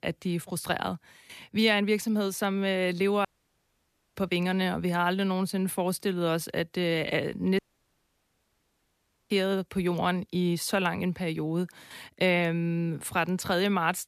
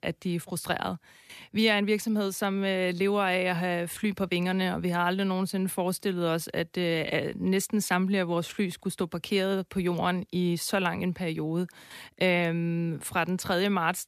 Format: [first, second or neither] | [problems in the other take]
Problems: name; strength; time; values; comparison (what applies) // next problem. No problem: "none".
second | audio cutting out; at 3.5 s for 1 s and at 7.5 s for 1.5 s